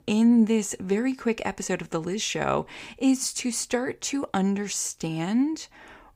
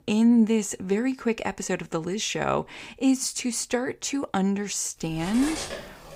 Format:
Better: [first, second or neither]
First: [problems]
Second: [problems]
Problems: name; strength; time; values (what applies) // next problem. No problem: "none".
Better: first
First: none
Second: clattering dishes; noticeable; from 5 s on; peak 7 dB below the speech